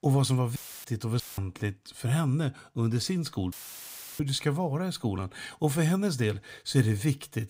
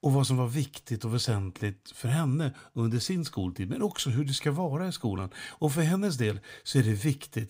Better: second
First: audio cutting out; filled with static; at 0.5 s, at 1 s and at 3.5 s for 0.5 s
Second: none

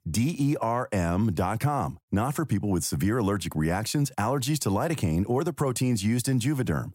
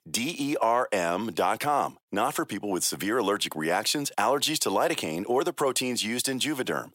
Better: first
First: none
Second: thin; somewhat; fading below 450 Hz

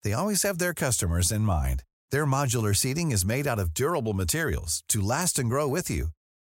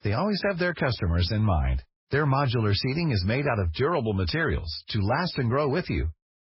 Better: first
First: none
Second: garbled, watery; badly; nothing above 5.5 kHz

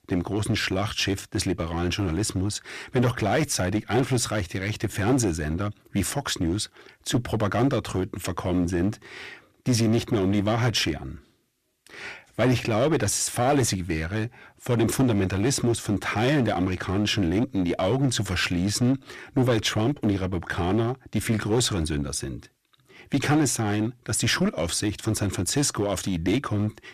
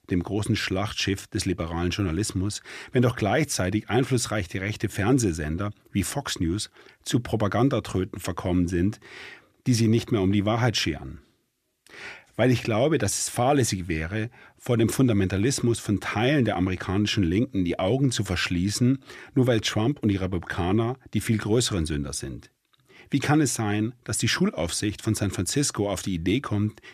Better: second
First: distortion; slight; 7% of the sound clipped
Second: none

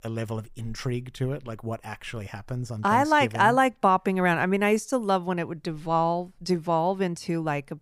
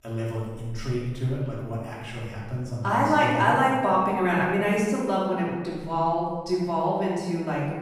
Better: first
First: none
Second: off-mic speech; far // room echo; strong; dies away in 1.3 s

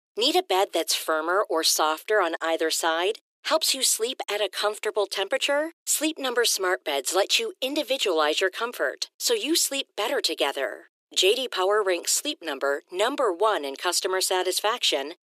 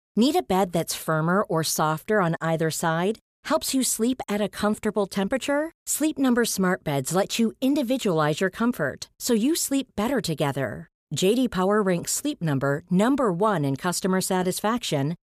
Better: second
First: thin; very; fading below 350 Hz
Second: none

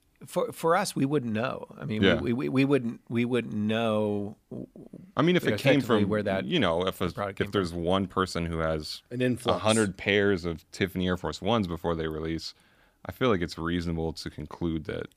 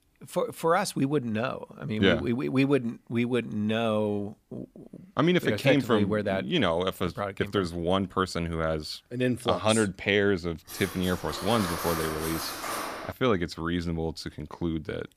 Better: first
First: none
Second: clattering dishes; noticeable; from 11 to 13 s; peak 4 dB below the speech

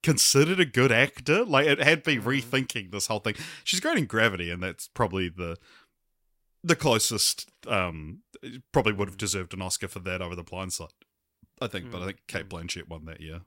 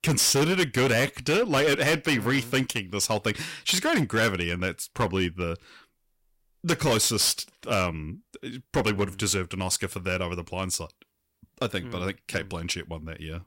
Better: first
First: none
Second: distortion; heavy; 8% of the sound clipped

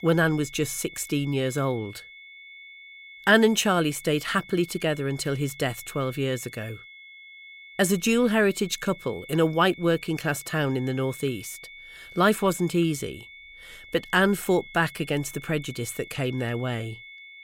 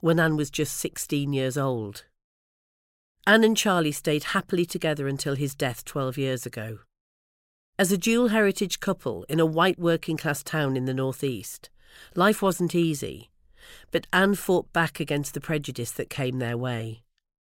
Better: second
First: high-pitched whine; noticeable; throughout; 2 kHz, 20 dB below the speech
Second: none

